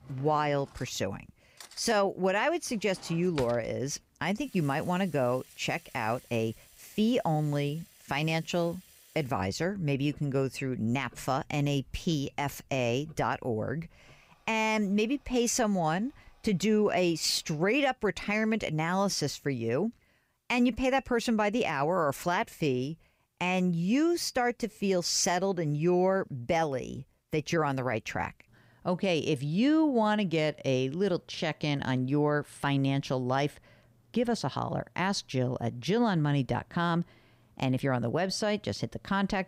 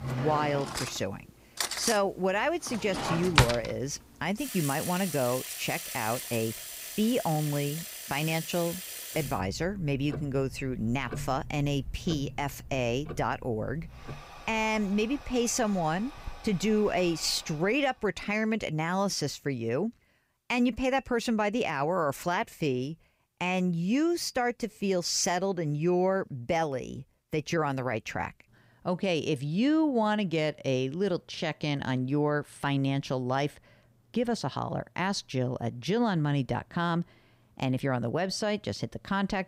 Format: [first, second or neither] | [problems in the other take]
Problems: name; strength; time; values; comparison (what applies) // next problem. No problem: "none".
first | household noises; loud; until 18 s; 6 dB below the speech; faint in the first